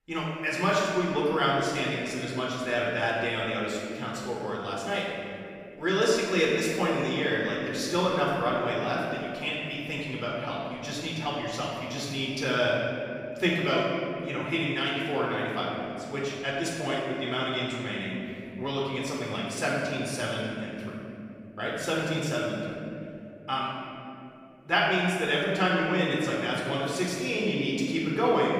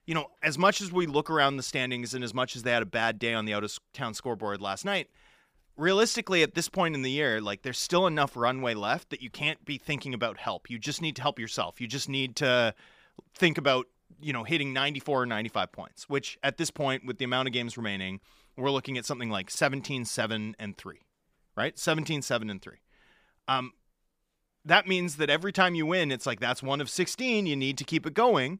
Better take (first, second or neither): second